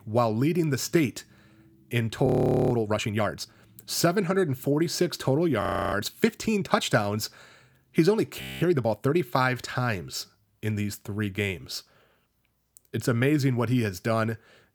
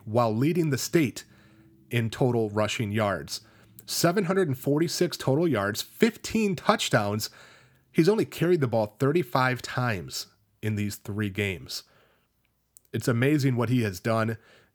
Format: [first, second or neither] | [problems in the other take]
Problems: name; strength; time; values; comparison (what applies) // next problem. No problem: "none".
second | audio freezing; at 2.5 s, at 5.5 s and at 8.5 s